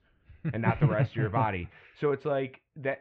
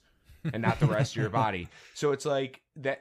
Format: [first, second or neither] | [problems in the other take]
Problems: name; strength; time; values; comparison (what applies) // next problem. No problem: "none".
second | muffled; very; fading above 2.5 kHz